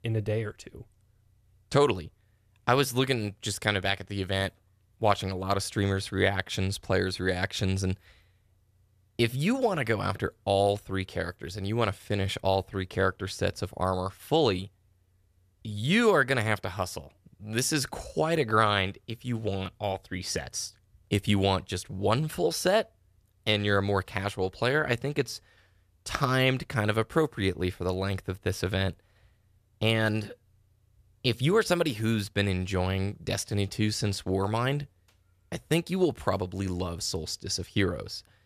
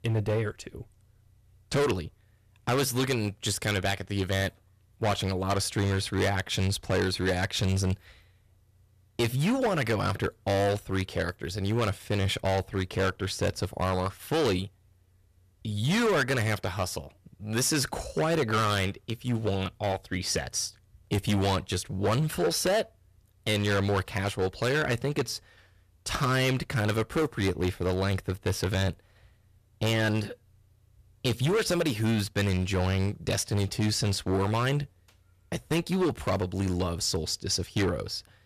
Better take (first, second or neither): first